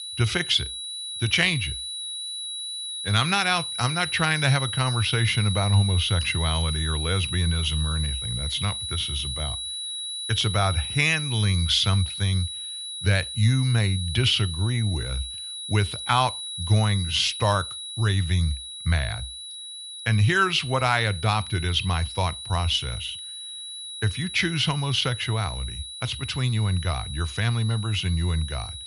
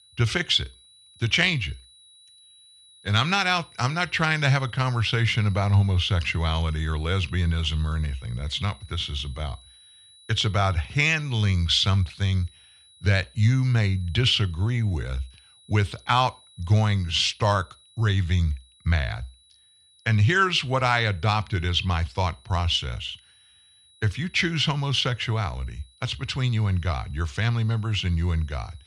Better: second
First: high-pitched whine; loud; throughout; 4 kHz, 7 dB below the speech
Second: high-pitched whine; faint; throughout; 4 kHz, 25 dB below the speech

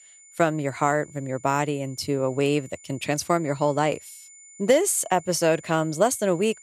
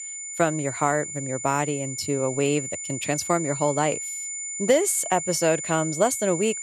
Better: first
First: high-pitched whine; faint; throughout; 7 kHz, 20 dB below the speech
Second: high-pitched whine; loud; throughout; 7 kHz, 6 dB below the speech

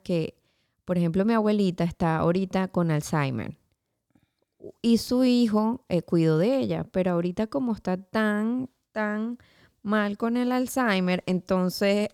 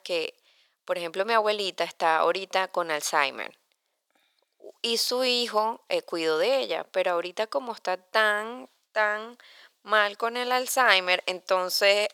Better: first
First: none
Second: thin; very; fading below 550 Hz

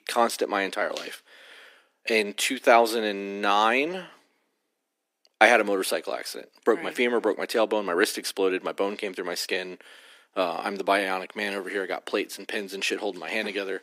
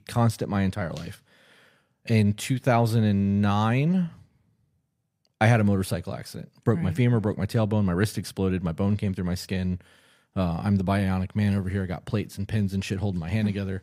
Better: second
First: thin; very; fading below 300 Hz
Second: none

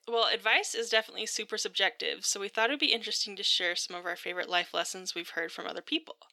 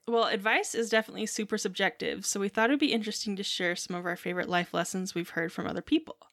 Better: second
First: thin; somewhat; fading below 500 Hz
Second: none

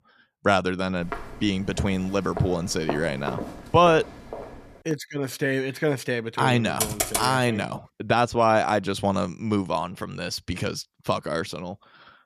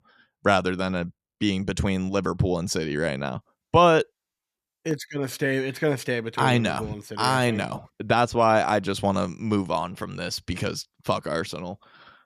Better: second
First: footsteps; noticeable; from 1 to 4.5 s; peak 8 dB below the speech // keyboard typing; noticeable; at 7 s; peak level with the speech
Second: none

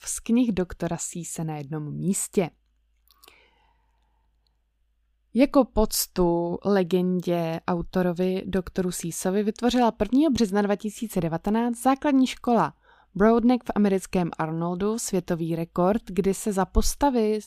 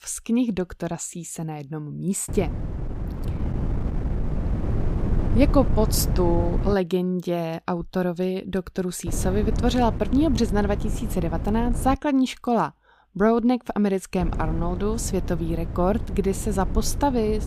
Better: first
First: none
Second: wind noise on the microphone; occasional gusts; from 2.5 to 6.5 s, from 9 to 12 s and from 14 s on; 10 dB below the speech

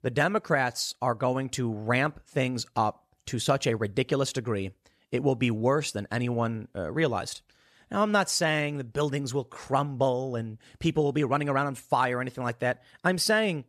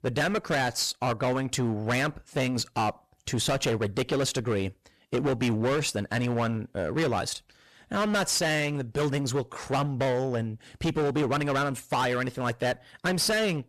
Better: first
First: none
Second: distortion; heavy; 18% of the sound clipped

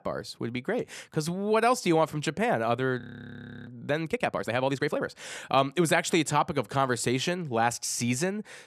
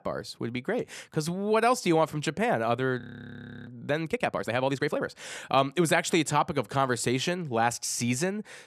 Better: neither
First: audio freezing; at 3 s for 0.5 s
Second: audio freezing; at 3 s for 0.5 s

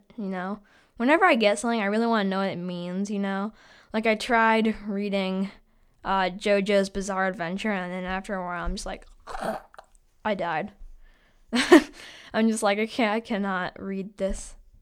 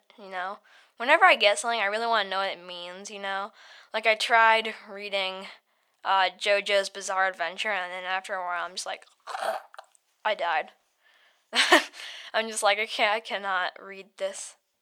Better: first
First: none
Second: thin; very; fading below 750 Hz

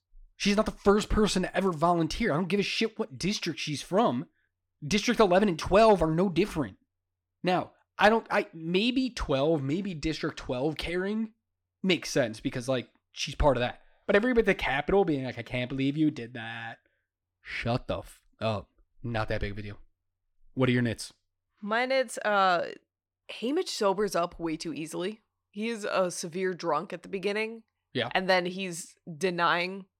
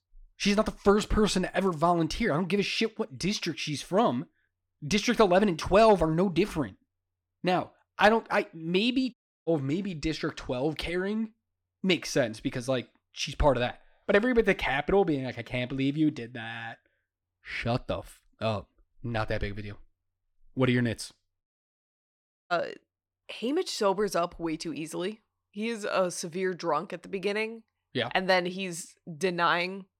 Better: first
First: none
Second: audio cutting out; at 9 s and at 21 s for 1 s

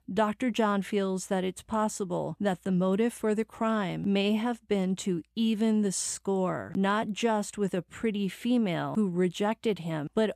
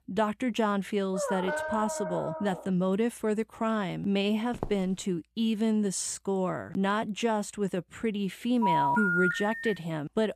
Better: first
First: none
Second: dog barking; noticeable; from 1 to 2.5 s; peak 2 dB below the speech // footsteps; faint; at 4.5 s; peak 10 dB below the speech // phone ringing; loud; from 8.5 to 9.5 s; peak 4 dB above the speech

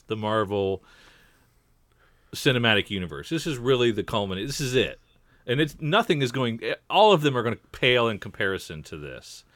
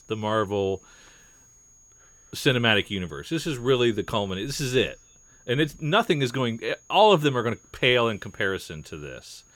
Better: first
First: none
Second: high-pitched whine; faint; throughout; 6.5 kHz, 30 dB below the speech

